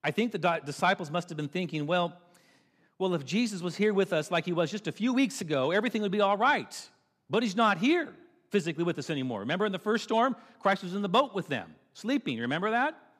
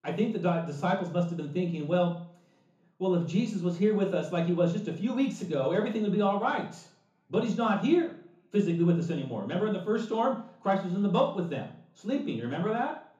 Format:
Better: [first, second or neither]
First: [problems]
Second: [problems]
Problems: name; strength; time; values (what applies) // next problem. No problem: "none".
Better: first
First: none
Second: room echo; slight; dies away in 0.6 s // off-mic speech; far